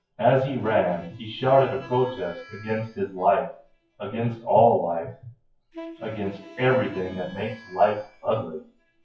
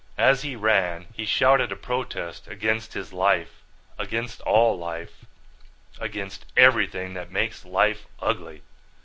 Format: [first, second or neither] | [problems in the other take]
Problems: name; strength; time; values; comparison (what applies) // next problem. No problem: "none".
second | noise reduction (classical method WPE with log-MMSE)